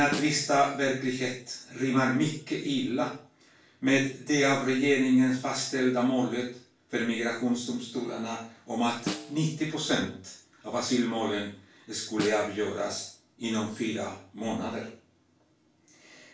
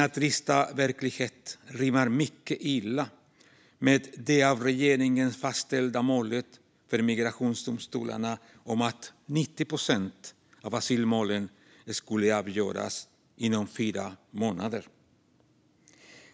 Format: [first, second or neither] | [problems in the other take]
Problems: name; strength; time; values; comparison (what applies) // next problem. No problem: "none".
second | background sound (Snare drum); 13 dB below the speech // room echo; dies away in 0.3 s